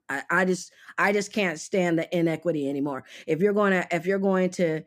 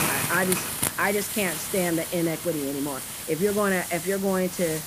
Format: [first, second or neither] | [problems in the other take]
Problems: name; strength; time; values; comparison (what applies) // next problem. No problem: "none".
first | hiss; loud; throughout; 3 dB below the speech